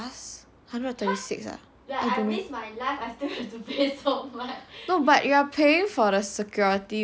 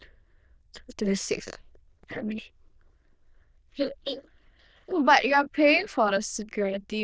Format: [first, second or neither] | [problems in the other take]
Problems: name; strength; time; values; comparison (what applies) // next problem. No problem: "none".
first | noise reduction (neural diffusion model UNIVERSE++)